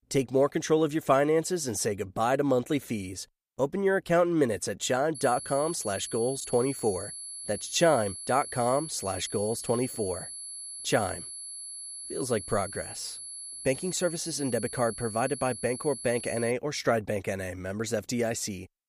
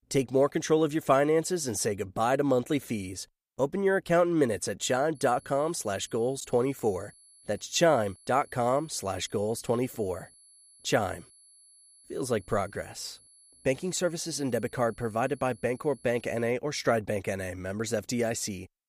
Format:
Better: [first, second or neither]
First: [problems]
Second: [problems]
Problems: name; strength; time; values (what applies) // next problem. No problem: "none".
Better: second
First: high-pitched whine; loud; from 5 to 17 s; 11 kHz, 9 dB below the speech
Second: high-pitched whine; faint; from 5 to 17 s; 11 kHz, 25 dB below the speech